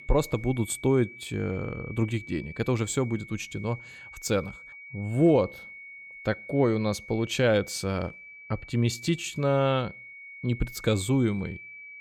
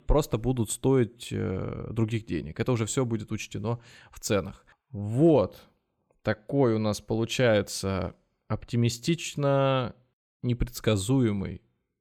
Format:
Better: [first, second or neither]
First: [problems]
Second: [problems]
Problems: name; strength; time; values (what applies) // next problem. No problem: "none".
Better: second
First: high-pitched whine; noticeable; throughout; 2 kHz, 15 dB below the speech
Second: none